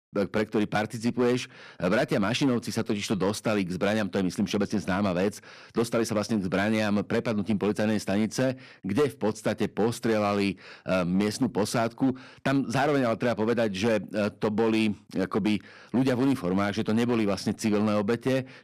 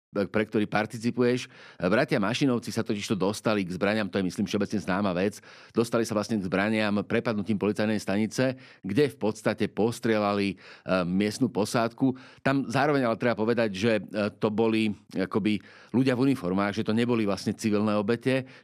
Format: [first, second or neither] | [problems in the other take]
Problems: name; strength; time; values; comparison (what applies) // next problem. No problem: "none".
second | distortion; slight; 6% of the sound clipped